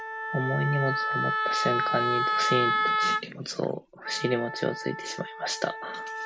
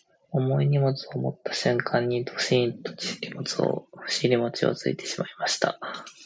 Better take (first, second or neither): second